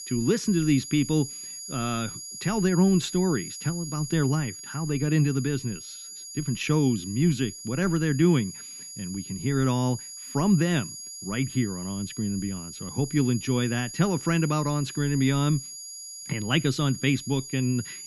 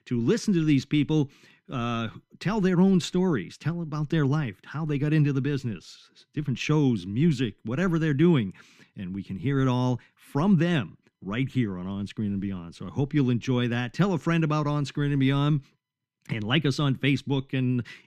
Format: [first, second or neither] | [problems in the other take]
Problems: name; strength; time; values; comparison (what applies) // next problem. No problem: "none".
second | high-pitched whine; noticeable; throughout; 7 kHz, 10 dB below the speech